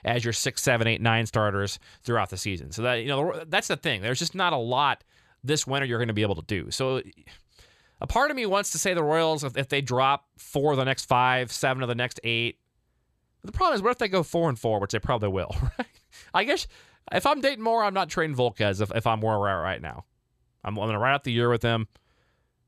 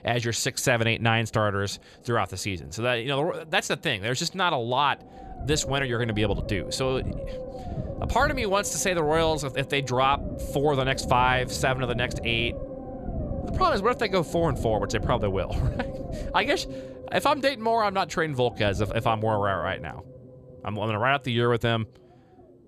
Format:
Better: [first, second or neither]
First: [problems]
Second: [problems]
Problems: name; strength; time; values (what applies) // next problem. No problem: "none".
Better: first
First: none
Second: low rumble; noticeable; throughout; 15 dB below the speech